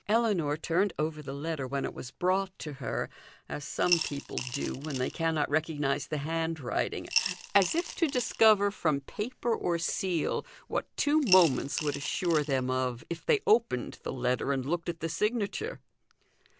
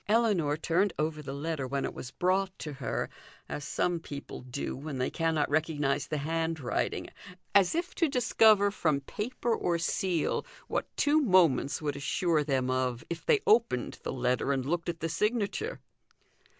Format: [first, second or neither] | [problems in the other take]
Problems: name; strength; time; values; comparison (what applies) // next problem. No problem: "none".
second | background sound (Coin (dropping) / Glass); 7 dB below the speech